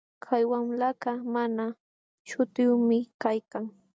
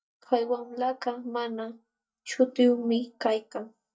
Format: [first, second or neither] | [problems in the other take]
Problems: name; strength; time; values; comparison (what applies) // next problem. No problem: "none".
first | noise reduction (neural mask model DeepFilterNet 3)